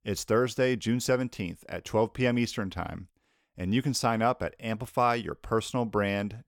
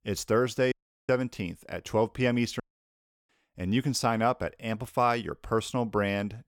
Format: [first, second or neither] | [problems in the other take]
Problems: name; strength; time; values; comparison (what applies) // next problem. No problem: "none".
first | audio cutting out; at 0.5 s and at 2.5 s for 0.5 s